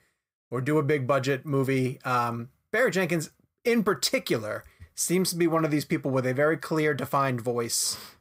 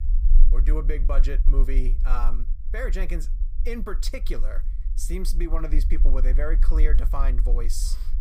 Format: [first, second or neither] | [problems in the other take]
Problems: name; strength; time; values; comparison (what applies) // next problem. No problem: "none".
first | low rumble; noticeable; throughout; 15 dB below the speech